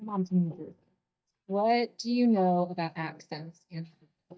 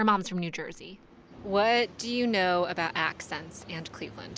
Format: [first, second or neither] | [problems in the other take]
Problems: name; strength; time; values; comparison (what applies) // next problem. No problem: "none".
second | noise reduction (neural mask model DeepFilterNet 3)